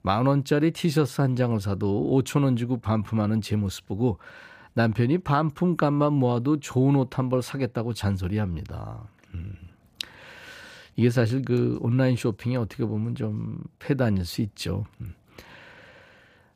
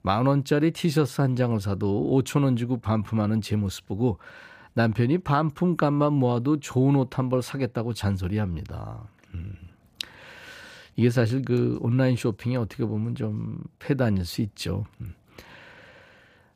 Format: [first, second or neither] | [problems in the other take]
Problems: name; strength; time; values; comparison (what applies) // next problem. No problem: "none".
neither | none